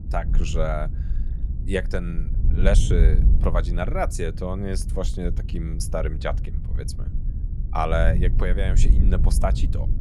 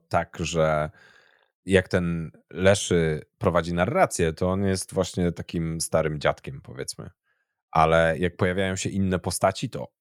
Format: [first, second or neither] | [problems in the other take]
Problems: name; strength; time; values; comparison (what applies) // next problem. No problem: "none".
second | wind noise on the microphone; occasional gusts; 10 dB below the speech